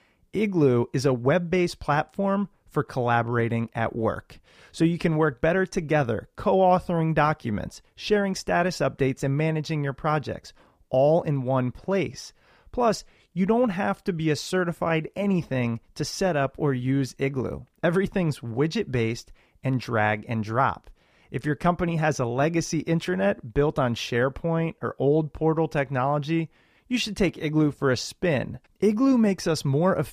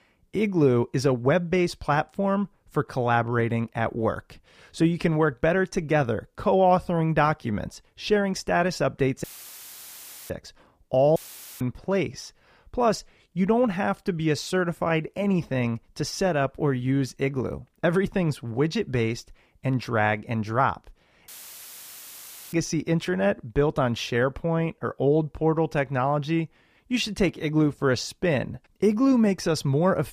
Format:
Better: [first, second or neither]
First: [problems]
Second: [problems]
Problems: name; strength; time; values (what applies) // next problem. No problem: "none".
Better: first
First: none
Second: audio cutting out; filled with static; at 9 s for 1 s, at 11 s and at 21 s for 1.5 s